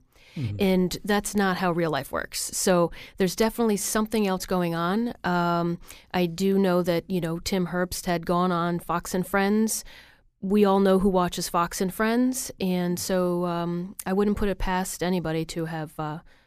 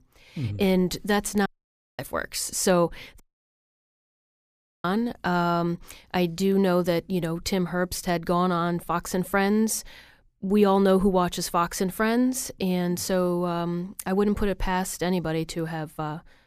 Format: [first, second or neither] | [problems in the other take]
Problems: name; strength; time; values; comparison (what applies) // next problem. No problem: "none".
first | audio cutting out; at 1.5 s for 0.5 s and at 3 s for 1.5 s